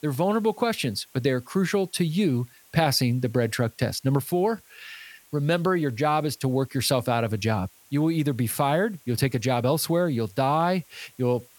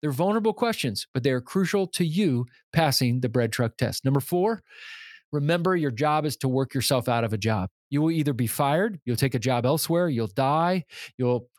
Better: second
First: hiss; faint; throughout; 30 dB below the speech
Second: none

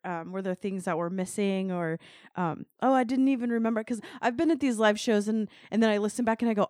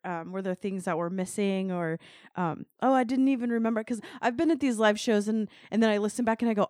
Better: neither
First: none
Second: none

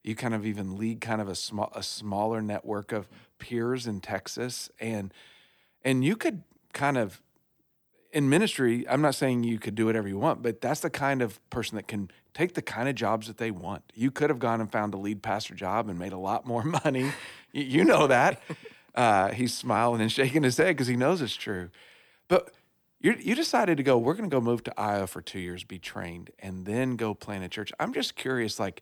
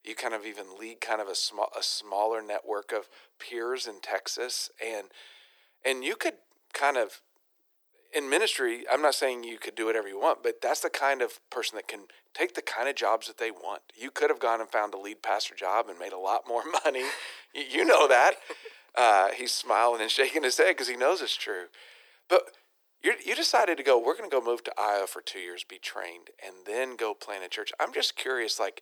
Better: first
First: none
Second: thin; very; fading below 400 Hz

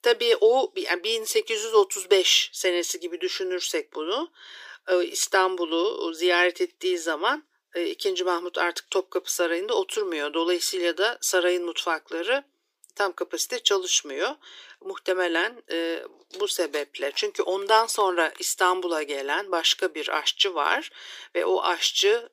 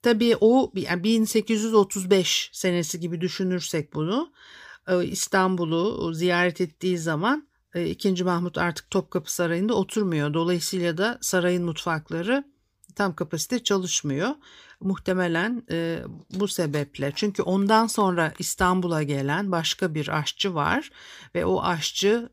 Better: second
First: thin; very; fading below 350 Hz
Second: none

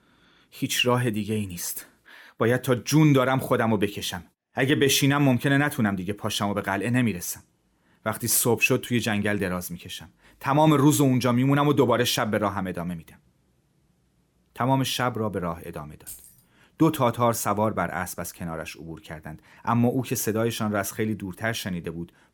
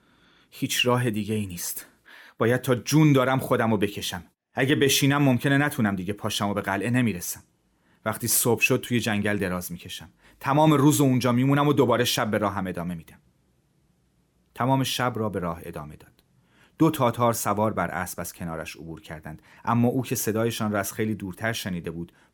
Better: second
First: jangling keys; faint; at 16 s; peak 15 dB below the speech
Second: none

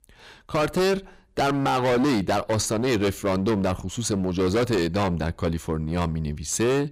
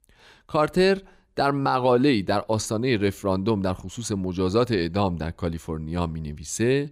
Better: second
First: distortion; heavy; 20% of the sound clipped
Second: none

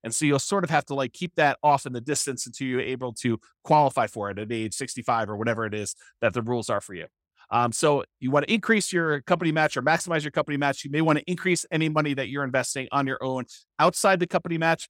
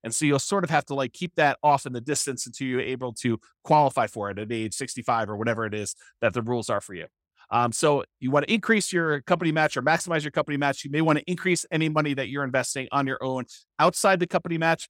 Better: neither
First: none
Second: none

